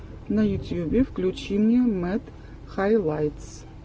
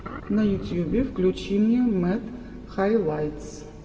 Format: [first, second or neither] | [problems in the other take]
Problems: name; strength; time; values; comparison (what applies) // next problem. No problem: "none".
first | room echo; dies away in 1.4 s